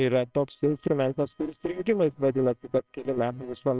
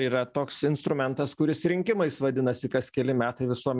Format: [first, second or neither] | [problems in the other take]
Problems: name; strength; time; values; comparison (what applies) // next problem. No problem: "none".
second | noise reduction (neural separator model SepFormer WHAMR!)